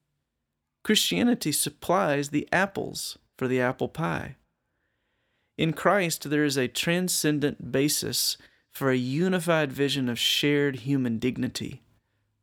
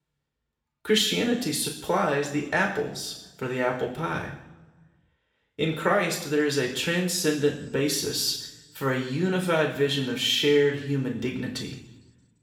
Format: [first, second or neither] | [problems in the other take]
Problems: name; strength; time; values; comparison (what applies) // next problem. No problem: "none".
first | room echo; slight; dies away in 0.8 s // off-mic speech; somewhat distant